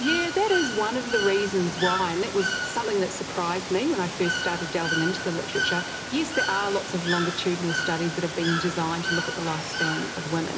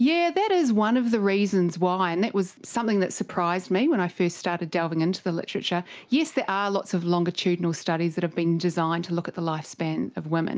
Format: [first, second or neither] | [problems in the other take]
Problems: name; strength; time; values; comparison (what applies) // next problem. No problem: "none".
second | background sound (Water / Bird); 3 dB below the speech // room echo; dies away in 1.7 s